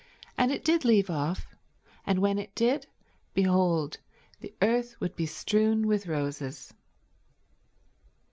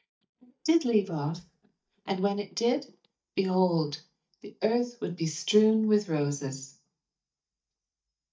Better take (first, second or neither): first